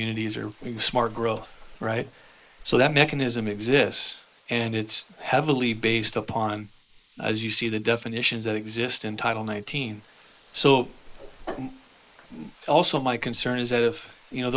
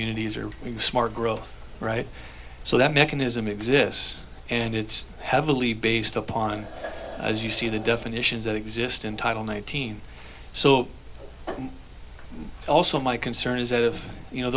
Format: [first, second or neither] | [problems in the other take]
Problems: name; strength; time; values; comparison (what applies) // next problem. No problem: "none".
second | noise reduction (neural mask model Resemble Enhance denoiser)